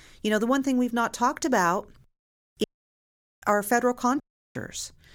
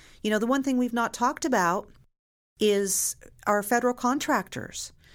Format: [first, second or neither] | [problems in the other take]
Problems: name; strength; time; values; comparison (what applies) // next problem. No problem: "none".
second | audio cutting out; at 2.5 s for 1 s and at 4 s